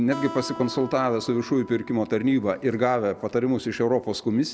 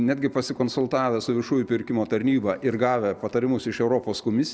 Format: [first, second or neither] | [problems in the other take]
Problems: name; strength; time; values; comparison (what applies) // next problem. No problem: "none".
second | background sound (Acoustic guitar); 17 dB below the speech